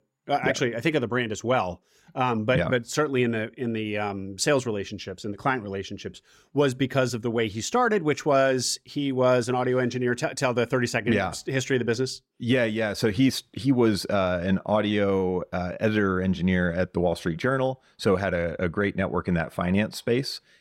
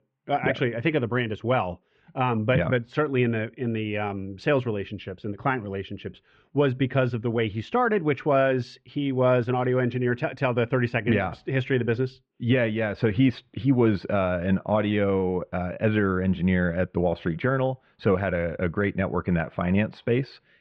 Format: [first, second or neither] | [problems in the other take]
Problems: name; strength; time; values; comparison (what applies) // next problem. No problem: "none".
first | muffled; very; fading above 3 kHz